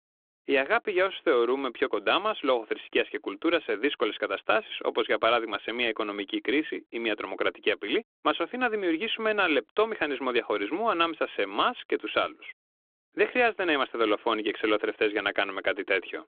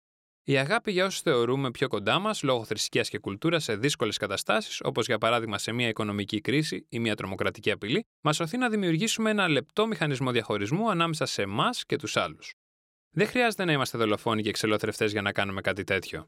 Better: second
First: phone-call audio; nothing above 3.5 kHz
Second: none

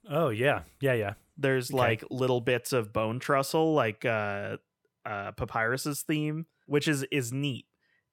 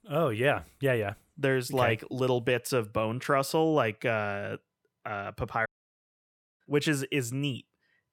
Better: first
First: none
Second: audio cutting out; at 5.5 s for 1 s

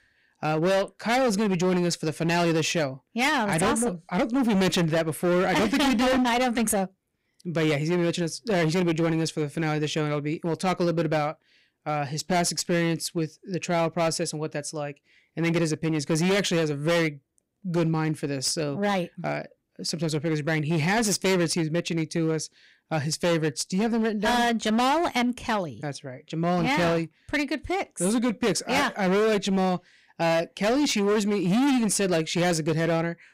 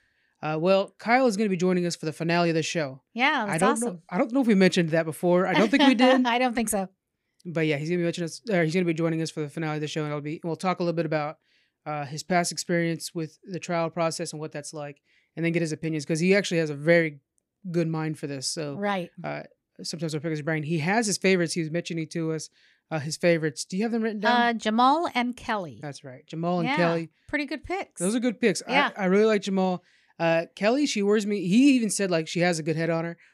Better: second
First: distortion; heavy; 17% of the sound clipped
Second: none

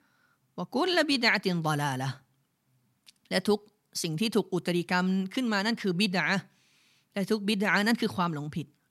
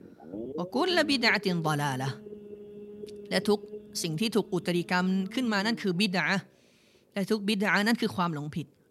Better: first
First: none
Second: low rumble; noticeable; throughout; 15 dB below the speech

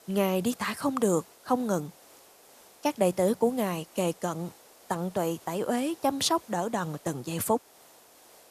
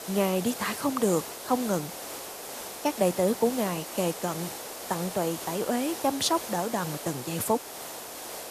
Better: first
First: hiss; faint; throughout; 25 dB below the speech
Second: hiss; loud; throughout; 8 dB below the speech

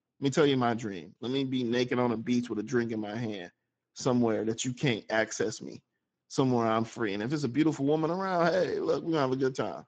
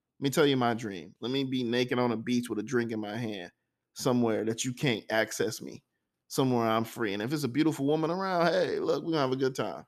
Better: second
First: garbled, watery; badly; nothing above 7.5 kHz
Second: none

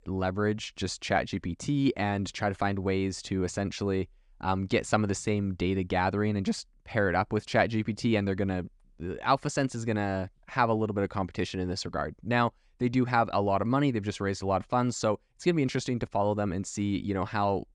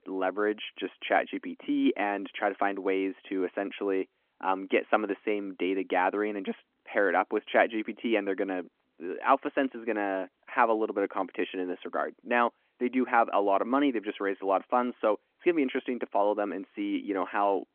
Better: first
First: none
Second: phone-call audio

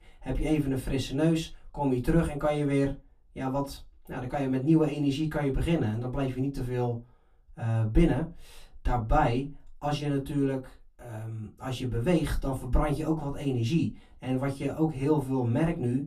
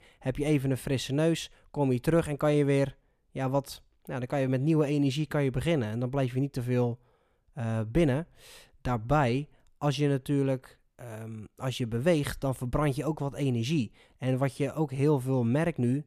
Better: second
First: off-mic speech; far // room echo; very slight; dies away in 0.2 s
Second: none

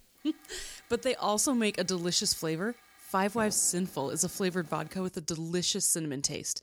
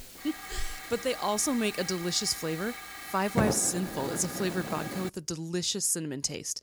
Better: first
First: hiss; faint; until 5 s; 25 dB below the speech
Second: hiss; loud; until 5 s; 7 dB below the speech

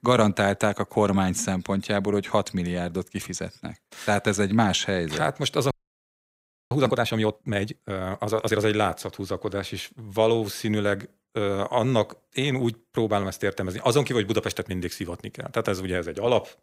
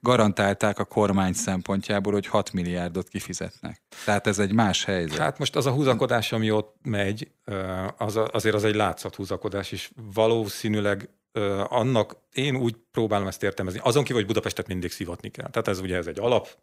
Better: second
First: audio freezing; at 5.5 s for 1 s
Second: none

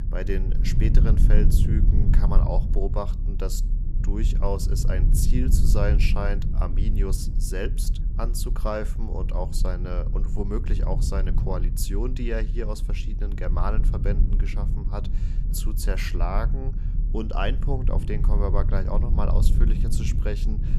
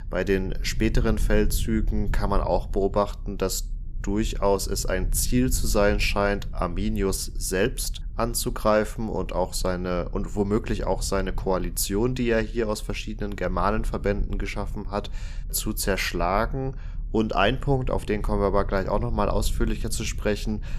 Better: second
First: low rumble; loud; throughout; 8 dB below the speech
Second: low rumble; faint; throughout; 25 dB below the speech

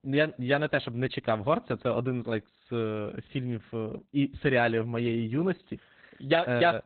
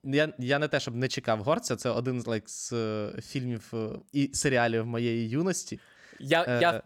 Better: second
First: garbled, watery; badly; nothing above 4 kHz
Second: none

